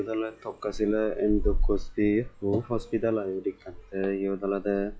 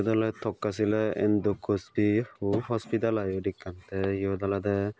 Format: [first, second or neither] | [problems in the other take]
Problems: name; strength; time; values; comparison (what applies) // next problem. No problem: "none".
second | noise reduction (classical method log-MMSE)